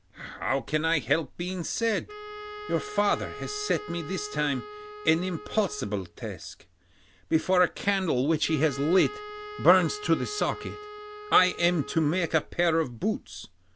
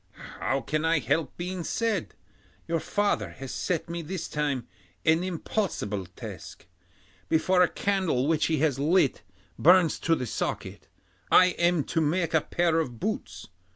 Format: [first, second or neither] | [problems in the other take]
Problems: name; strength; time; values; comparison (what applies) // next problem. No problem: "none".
second | background sound (Wind instrument, woodwind instrument); 15 dB below the speech